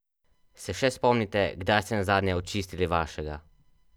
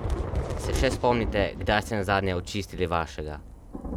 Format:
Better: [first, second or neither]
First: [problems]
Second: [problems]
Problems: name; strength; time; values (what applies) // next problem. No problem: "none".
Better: first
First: none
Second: background sound (Thunder / Rain); 4 dB below the speech